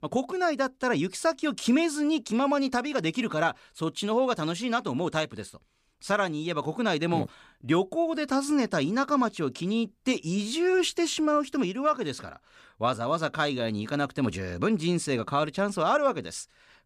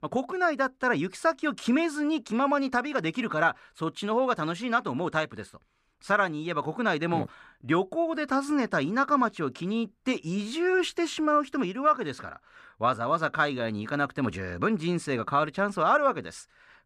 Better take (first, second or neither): first